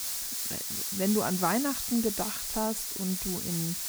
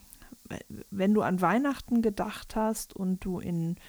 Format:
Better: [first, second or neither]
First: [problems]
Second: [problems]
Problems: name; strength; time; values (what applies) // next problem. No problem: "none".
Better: second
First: hiss; loud; throughout; as loud as the speech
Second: hiss; faint; throughout; 30 dB below the speech